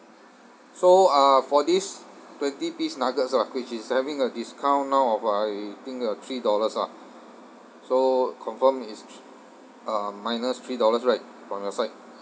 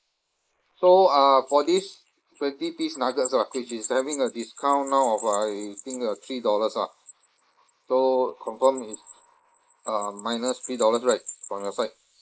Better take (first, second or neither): first